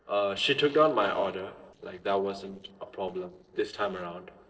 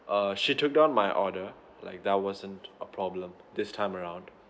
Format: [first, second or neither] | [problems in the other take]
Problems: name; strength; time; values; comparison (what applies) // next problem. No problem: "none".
second | noise reduction (neural separator model SepFormer DNS4)